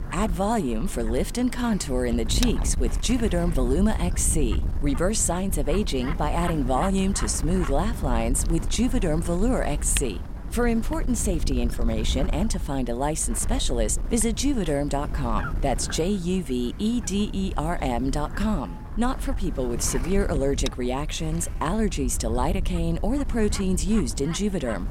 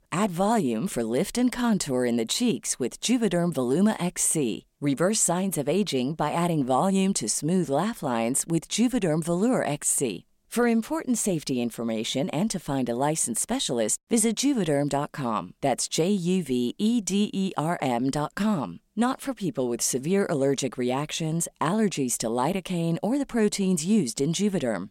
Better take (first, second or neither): second